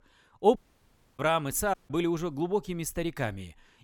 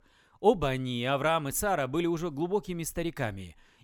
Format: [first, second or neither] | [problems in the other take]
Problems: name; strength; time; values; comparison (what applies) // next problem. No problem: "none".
second | audio cutting out; at 0.5 s for 0.5 s and at 1.5 s